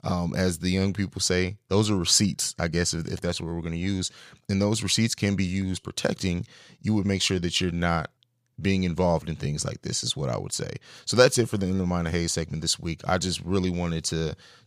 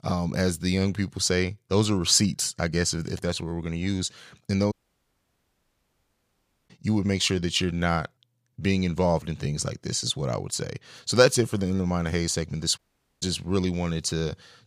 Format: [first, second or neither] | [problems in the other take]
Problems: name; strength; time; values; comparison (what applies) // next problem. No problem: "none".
first | audio cutting out; at 4.5 s for 2 s and at 13 s